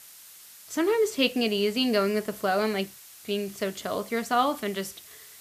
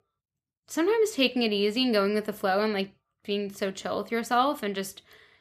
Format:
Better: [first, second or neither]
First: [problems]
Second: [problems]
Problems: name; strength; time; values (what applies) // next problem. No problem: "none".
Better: second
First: hiss; noticeable; throughout; 20 dB below the speech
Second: none